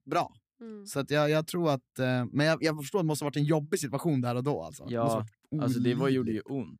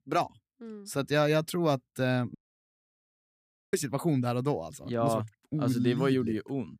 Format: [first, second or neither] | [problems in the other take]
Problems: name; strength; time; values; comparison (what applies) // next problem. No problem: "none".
first | audio cutting out; at 2.5 s for 1.5 s